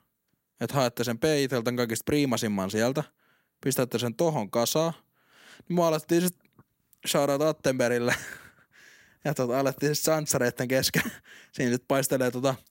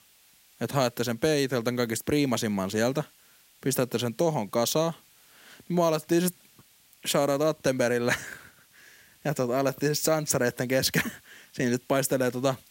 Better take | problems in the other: first | hiss; faint; throughout; 30 dB below the speech

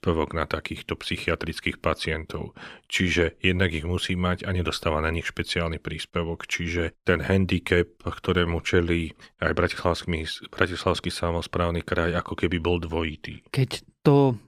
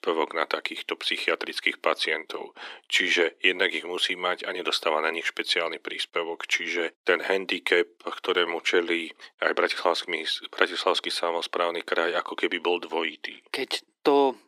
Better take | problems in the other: first | thin; very; fading below 300 Hz

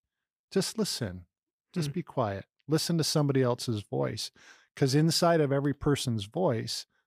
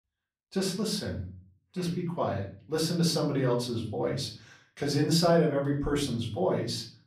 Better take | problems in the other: first | room echo; slight; dies away in 0.4 s // off-mic speech; far

